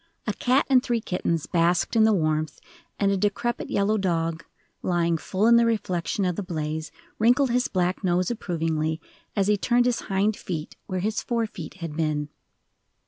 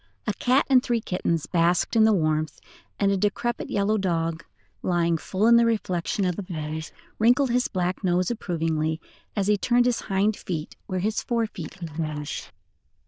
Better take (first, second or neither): first